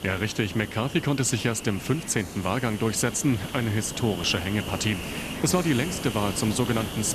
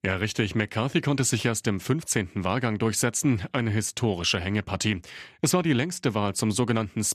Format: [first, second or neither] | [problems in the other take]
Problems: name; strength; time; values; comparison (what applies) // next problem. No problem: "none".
second | hiss; loud; throughout; 9 dB below the speech